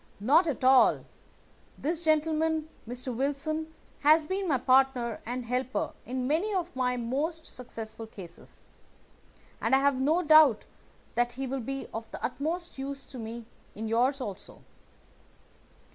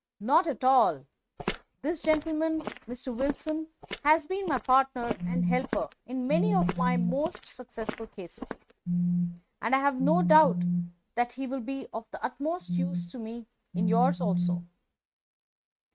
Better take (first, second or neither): first